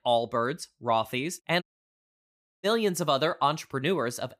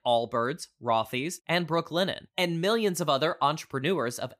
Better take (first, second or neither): second